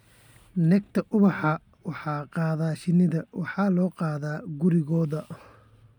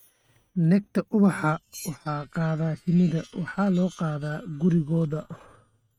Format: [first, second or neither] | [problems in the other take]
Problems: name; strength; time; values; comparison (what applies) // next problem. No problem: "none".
first | noise reduction (neural mask model RNNoise)